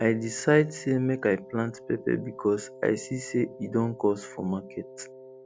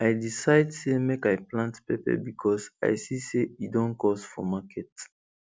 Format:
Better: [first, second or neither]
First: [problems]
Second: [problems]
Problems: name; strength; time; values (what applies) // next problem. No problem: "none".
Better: second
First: background sound (Wind instrument, woodwind instrument); 18 dB below the speech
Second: none